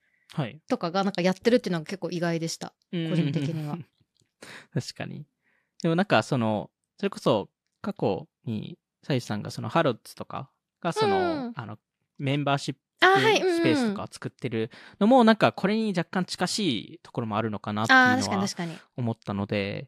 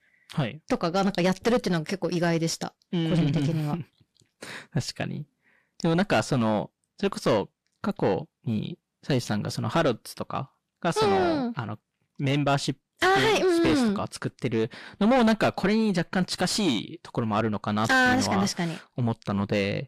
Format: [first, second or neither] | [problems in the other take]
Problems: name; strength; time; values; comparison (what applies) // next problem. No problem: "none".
first | distortion; heavy; 6 dB below the speech